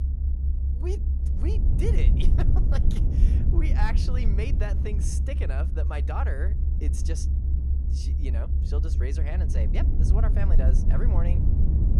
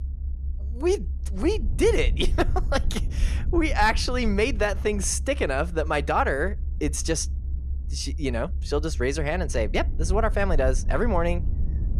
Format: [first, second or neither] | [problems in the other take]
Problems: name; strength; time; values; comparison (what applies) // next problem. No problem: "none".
second | low rumble; loud; throughout; 3 dB below the speech; faint in the second